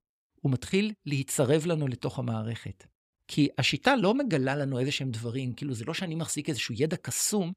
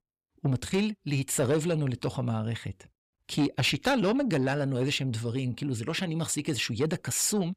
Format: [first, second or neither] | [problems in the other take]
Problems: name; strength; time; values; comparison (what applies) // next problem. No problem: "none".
first | distortion; slight; 10 dB below the speech